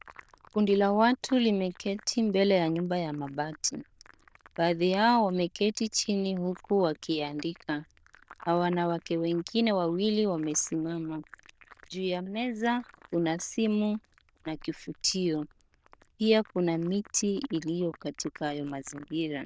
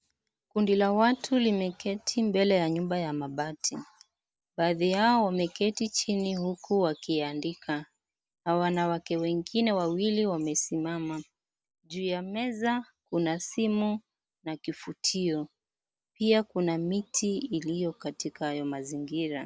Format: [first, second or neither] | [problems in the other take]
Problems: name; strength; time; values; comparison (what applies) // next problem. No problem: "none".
second | noise reduction (neural diffusion model UNIVERSE++)